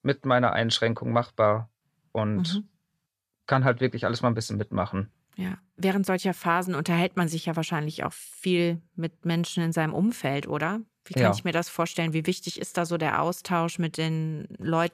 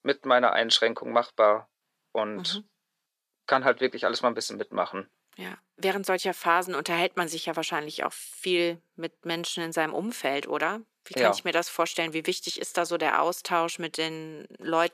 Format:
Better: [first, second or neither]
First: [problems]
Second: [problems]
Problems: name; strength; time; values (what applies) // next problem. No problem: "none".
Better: first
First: none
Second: thin; somewhat; fading below 350 Hz